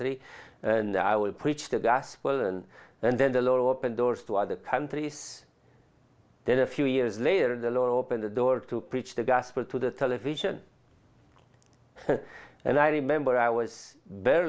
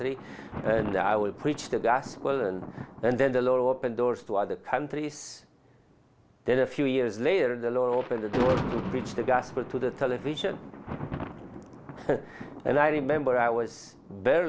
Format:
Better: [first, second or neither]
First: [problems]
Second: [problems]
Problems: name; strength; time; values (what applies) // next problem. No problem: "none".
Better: first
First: none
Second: background sound (Thunder); 12 dB below the speech